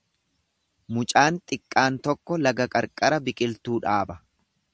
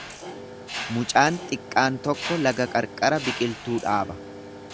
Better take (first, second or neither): first